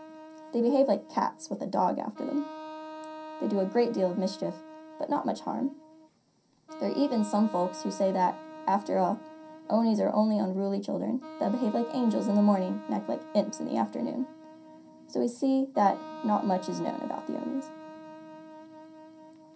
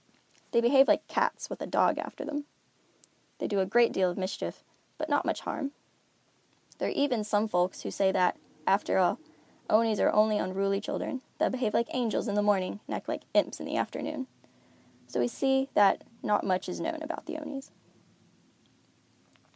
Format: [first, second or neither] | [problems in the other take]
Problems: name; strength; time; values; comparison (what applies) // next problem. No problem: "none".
second | background sound (Wind instrument, woodwind instrument); 15 dB below the speech // room echo; dies away in 0.3 s